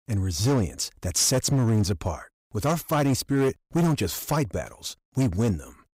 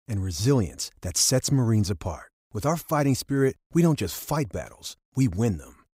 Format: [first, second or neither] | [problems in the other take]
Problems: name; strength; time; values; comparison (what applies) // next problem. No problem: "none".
second | distortion; slight; 10% of the sound clipped